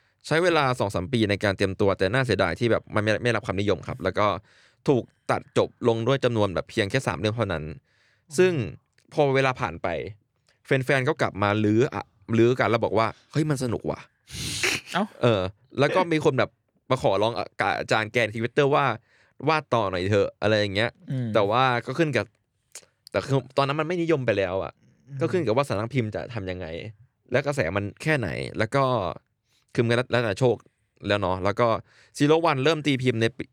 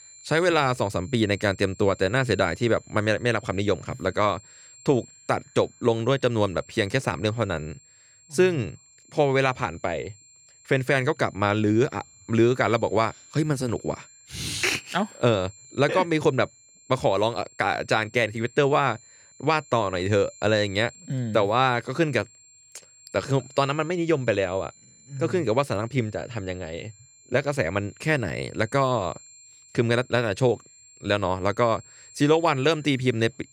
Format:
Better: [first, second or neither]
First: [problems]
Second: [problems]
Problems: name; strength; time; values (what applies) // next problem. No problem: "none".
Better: first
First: none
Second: high-pitched whine; faint; throughout; 7.5 kHz, 25 dB below the speech